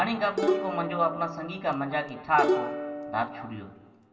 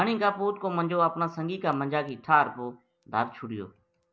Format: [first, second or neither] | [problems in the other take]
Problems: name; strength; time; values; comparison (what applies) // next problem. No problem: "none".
second | background sound (Plucked string instrument); 2 dB below the speech // room echo; dies away in 1.4 s